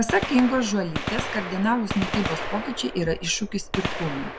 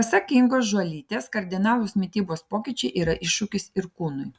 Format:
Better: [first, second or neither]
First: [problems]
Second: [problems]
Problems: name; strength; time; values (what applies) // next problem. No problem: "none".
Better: second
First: background sound (Gunshot, gunfire); 5 dB below the speech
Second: none